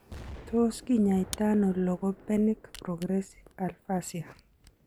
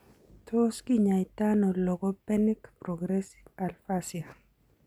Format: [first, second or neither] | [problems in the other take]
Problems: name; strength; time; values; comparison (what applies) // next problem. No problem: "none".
second | background sound (Camera + Explosion); 18 dB below the speech